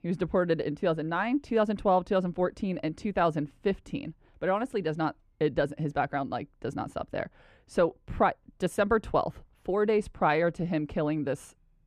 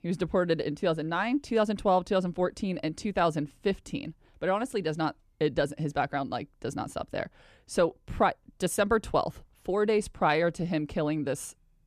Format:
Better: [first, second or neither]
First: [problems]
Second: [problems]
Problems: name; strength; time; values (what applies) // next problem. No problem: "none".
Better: second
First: muffled; slightly; fading above 3.5 kHz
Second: none